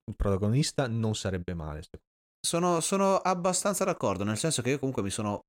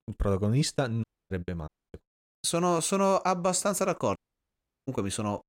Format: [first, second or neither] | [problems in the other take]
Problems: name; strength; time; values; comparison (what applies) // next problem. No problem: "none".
first | audio cutting out; at 1 s, at 1.5 s and at 4 s for 0.5 s